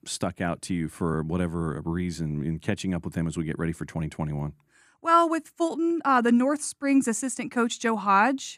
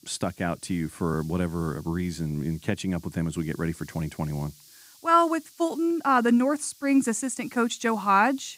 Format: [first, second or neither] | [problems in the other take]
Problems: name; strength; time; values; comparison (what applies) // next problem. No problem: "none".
first | hiss; faint; throughout; 25 dB below the speech